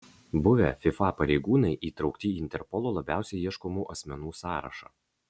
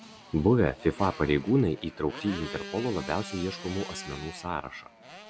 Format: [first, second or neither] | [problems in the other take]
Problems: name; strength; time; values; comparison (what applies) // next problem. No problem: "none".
first | background sound (Motorcycle); 14 dB below the speech